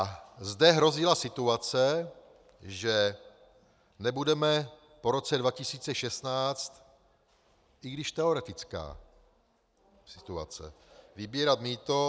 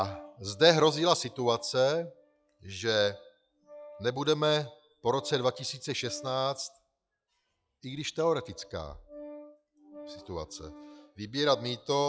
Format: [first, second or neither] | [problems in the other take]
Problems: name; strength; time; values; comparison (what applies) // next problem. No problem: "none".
first | noise reduction (classical method log-MMSE)